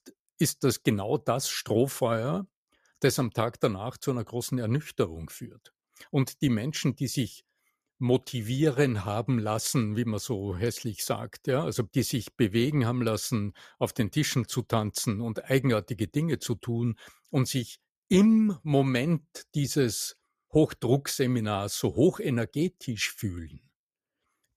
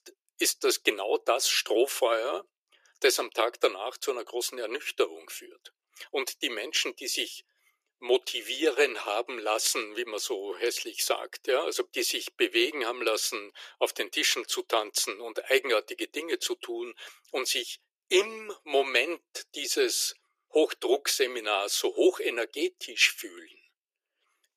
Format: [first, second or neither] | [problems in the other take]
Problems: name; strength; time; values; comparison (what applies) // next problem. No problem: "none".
first | thin; very; fading below 350 Hz